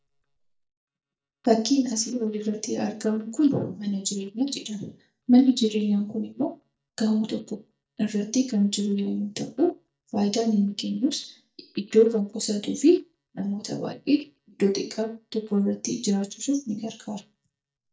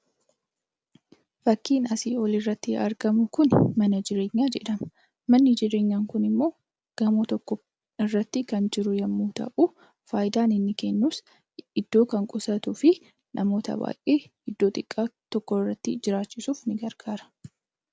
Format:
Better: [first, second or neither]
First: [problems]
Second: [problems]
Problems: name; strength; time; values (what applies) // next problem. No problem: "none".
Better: second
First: noise reduction (neural mask model DeepFilterNet 3)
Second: none